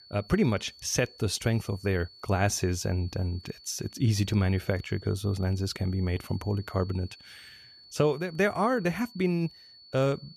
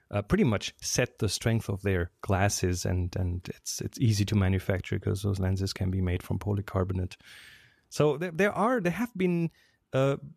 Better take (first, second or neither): second